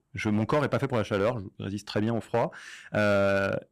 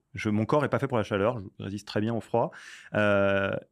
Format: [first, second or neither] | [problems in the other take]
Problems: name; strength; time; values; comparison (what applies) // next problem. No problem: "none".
second | distortion; slight; 5% of the sound clipped